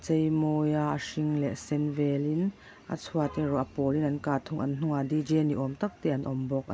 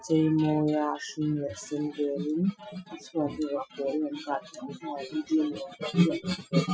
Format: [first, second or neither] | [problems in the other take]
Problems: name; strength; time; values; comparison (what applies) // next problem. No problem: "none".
first | noise reduction (classical method Wiener filter)